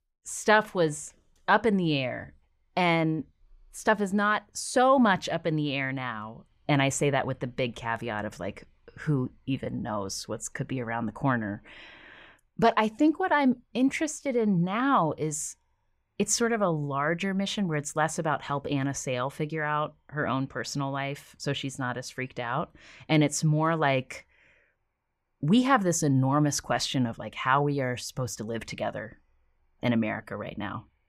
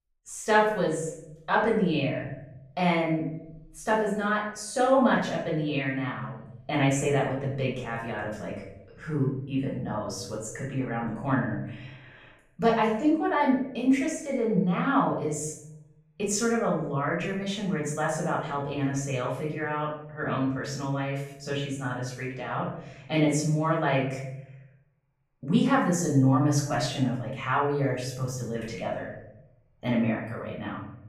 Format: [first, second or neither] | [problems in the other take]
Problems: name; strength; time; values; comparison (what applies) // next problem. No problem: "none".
first | off-mic speech; far // room echo; noticeable; dies away in 0.7 s